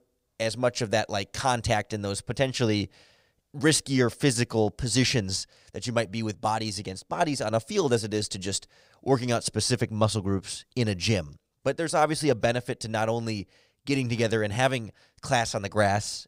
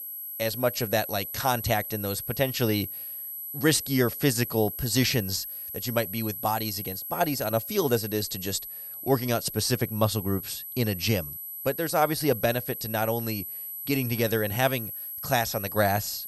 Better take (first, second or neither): first